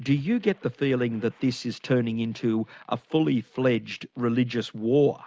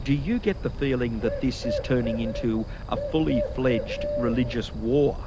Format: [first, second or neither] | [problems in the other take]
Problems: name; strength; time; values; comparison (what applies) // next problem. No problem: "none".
first | background sound (Bird); 5 dB below the speech